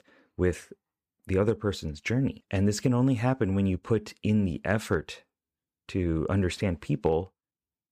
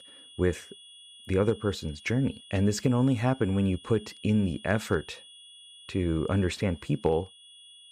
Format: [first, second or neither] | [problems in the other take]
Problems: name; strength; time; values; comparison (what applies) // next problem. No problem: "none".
first | high-pitched whine; faint; throughout; 3.5 kHz, 20 dB below the speech